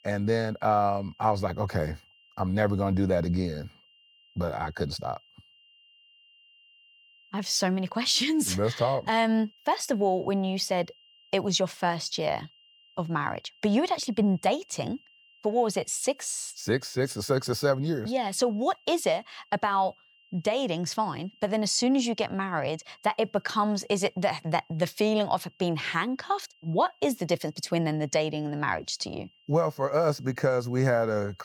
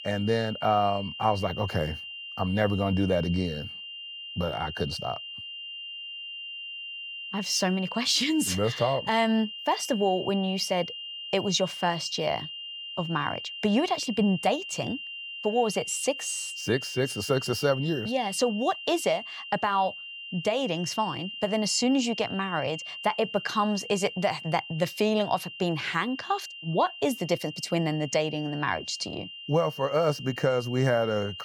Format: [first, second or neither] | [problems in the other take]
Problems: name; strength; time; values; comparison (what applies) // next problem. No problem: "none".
first | high-pitched whine; loud; throughout; 3 kHz, 9 dB below the speech; faint in the first